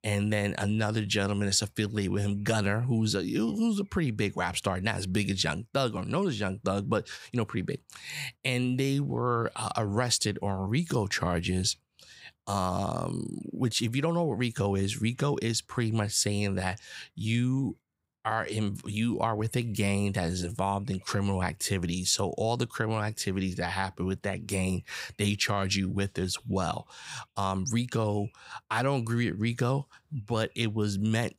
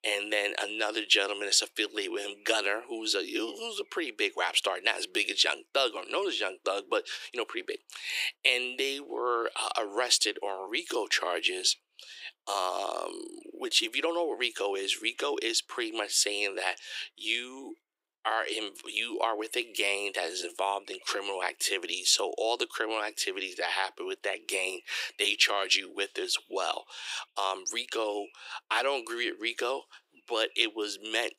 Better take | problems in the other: first | thin; very; fading below 350 Hz

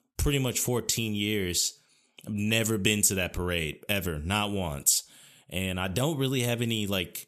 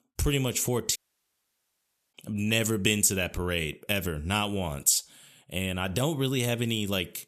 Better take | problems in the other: first | audio cutting out; at 1 s for 1 s

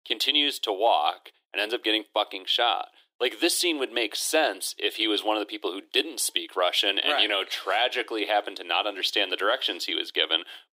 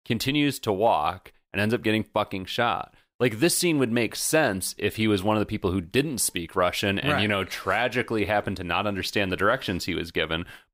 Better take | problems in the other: second | thin; very; fading below 300 Hz

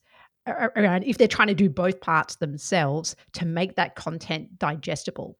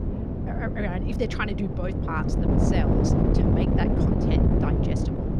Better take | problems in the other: first | wind noise on the microphone; heavy; 3 dB above the speech

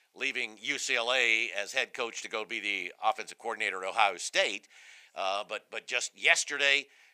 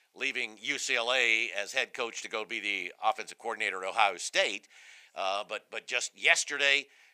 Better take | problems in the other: neither | thin; very; fading below 750 Hz; the same in both

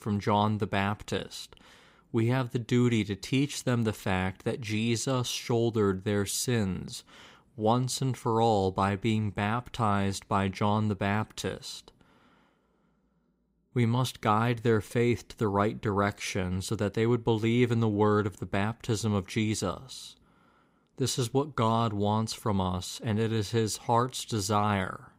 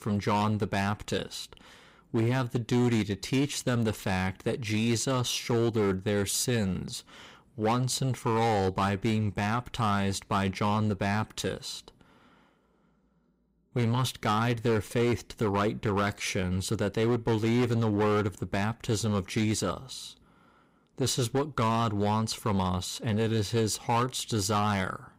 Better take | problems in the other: first | distortion; slight; 11% of the sound clipped

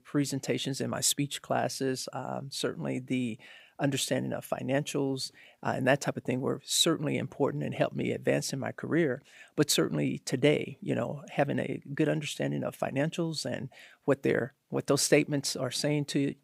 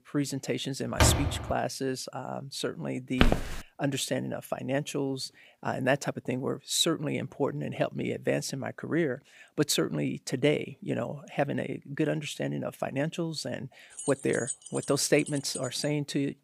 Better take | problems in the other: first | door banging; loud; at 1 s; peak 5 dB above the speech // footsteps; loud; at 3 s; peak 4 dB above the speech // jangling keys; noticeable; from 14 to 16 s; peak 5 dB below the speech

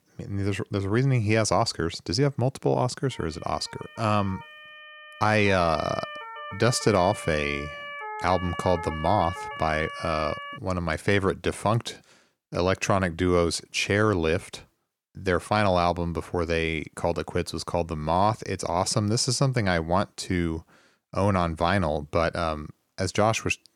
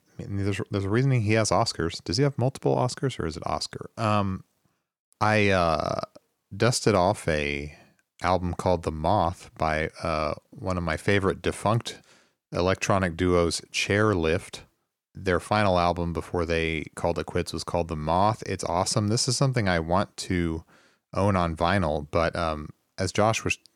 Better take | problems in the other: second | siren; noticeable; from 3 to 11 s; peak 9 dB below the speech

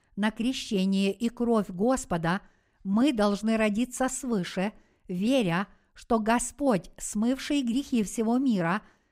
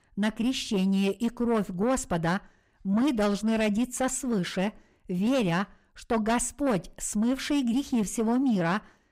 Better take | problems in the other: first | distortion; slight; 10 dB below the speech

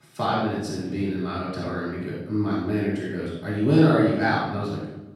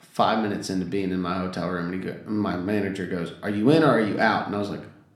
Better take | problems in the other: second | room echo; strong; dies away in 0.8 s; slight in the second // off-mic speech; far

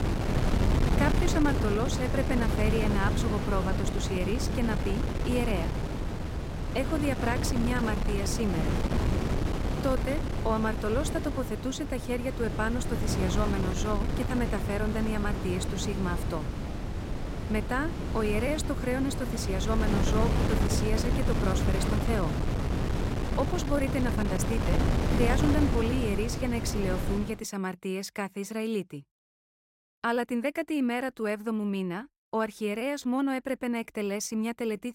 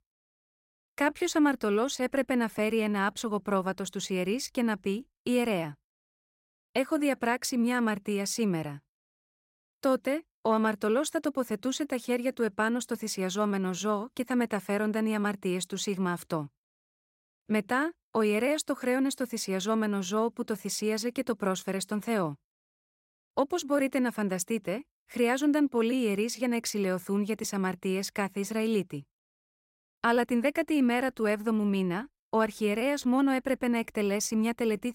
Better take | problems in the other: second | wind noise on the microphone; heavy; until 27 s; 3 dB below the speech

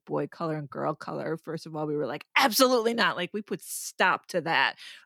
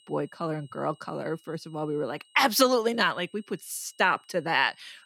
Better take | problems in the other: first | high-pitched whine; faint; throughout; 3 kHz, 30 dB below the speech

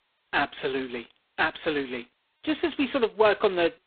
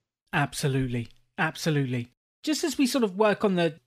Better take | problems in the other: second | phone-call audio; poor line; nothing above 4 kHz

